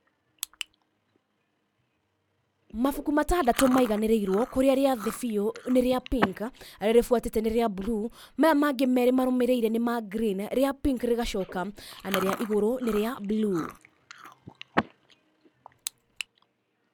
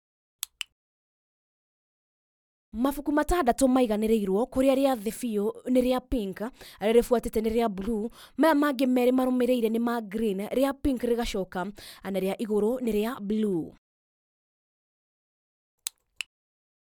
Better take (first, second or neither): second